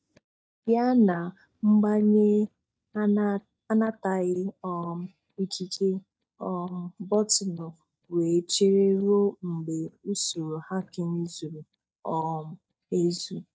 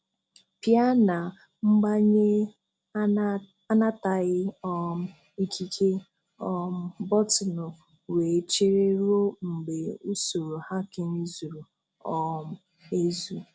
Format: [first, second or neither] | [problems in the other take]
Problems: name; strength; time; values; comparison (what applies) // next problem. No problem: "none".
second | noise reduction (neural mask model DeepFilterNet 3)